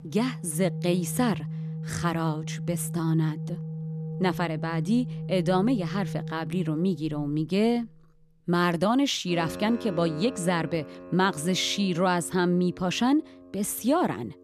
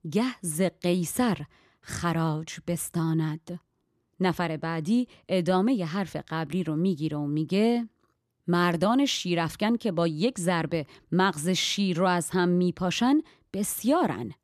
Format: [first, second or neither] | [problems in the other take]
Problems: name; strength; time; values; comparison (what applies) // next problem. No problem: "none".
second | background music; loud; throughout; 9 dB below the speech